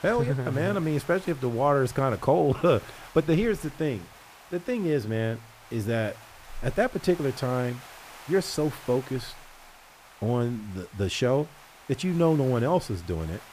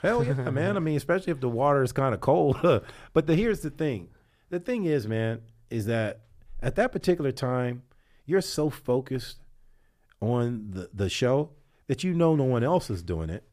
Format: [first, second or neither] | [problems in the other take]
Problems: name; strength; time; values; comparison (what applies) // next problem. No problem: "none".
second | hiss; faint; throughout; 20 dB below the speech